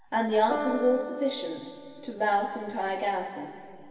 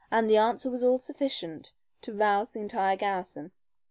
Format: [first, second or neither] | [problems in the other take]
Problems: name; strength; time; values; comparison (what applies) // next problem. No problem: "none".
second | background sound (Piano); 10 dB below the speech // room echo; dies away in 2.3 s